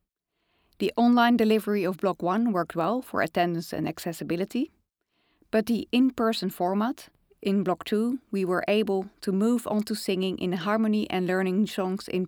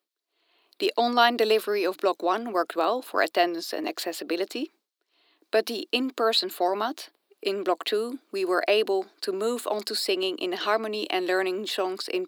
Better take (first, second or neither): first